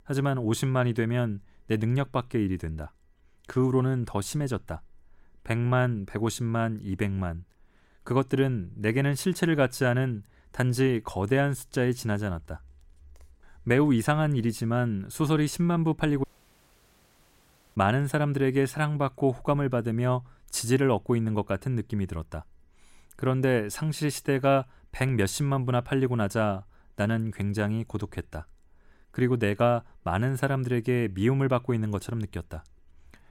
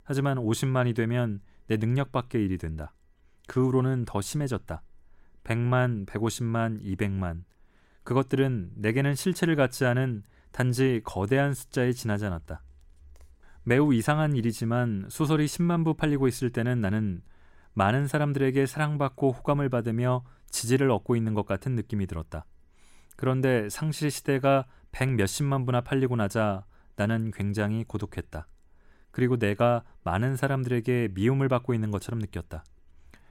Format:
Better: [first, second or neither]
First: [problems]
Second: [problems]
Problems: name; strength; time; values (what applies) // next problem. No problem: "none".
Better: second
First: audio cutting out; at 16 s for 1.5 s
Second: none